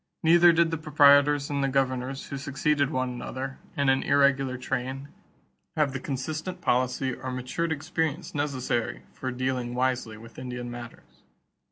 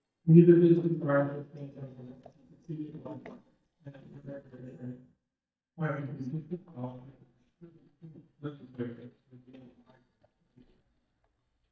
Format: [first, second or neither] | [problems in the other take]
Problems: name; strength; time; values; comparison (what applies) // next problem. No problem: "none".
first | noise reduction (neural mask model DeepFilterNet 3)